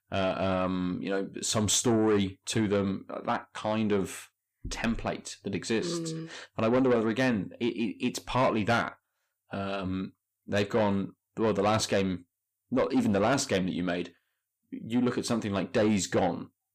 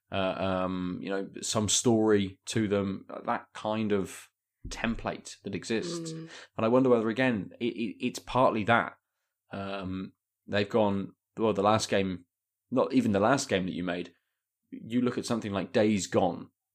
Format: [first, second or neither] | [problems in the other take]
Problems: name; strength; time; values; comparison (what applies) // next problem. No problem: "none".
second | distortion; slight; 10 dB below the speech